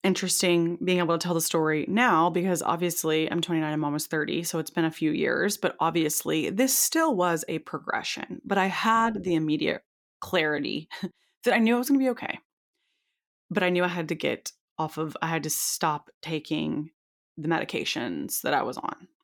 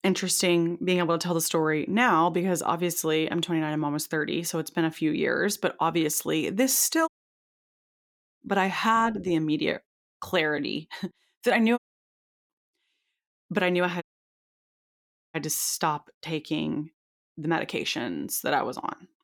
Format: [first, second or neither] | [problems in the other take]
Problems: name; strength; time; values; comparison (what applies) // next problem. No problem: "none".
first | audio cutting out; at 7 s for 1.5 s, at 12 s for 0.5 s and at 14 s for 1.5 s